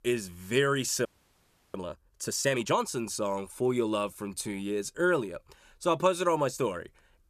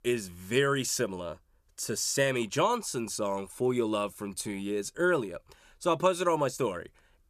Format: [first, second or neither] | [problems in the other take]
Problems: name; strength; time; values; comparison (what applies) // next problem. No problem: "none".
second | audio freezing; at 1 s for 0.5 s